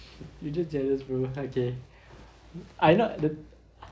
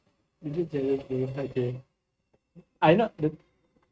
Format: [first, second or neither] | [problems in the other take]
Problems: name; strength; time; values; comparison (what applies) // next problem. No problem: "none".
first | noise reduction (neural mask model RNNoise)